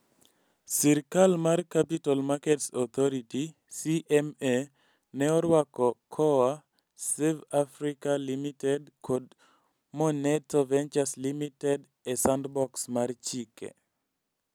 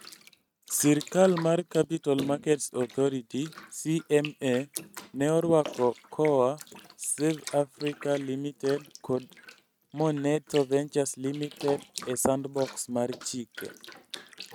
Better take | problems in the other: first | noise reduction (neural mask model RNNoise)

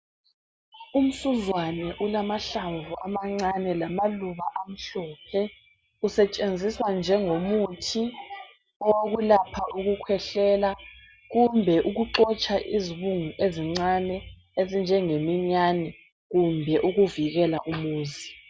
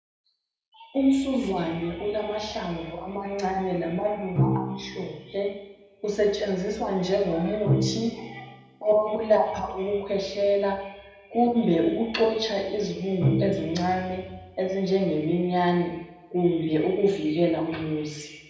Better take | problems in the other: first | background sound (Bowed string instrument); 6 dB below the speech // room echo; dies away in 0.8 s

